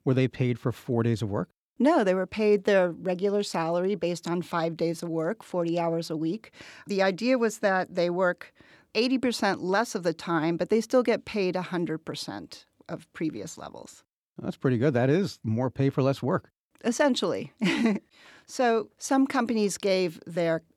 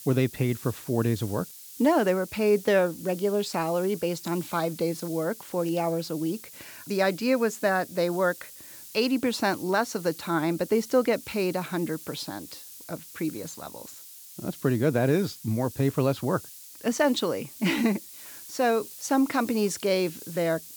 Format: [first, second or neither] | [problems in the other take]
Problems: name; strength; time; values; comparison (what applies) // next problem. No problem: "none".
first | hiss; noticeable; throughout; 15 dB below the speech